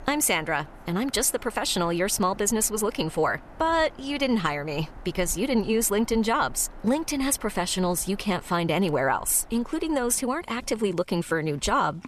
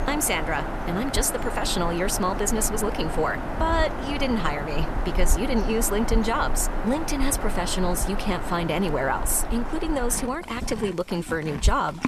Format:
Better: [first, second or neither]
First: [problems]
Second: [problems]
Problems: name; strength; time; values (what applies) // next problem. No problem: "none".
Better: first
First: animal sounds; faint; throughout; 20 dB below the speech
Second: animal sounds; loud; throughout; 5 dB below the speech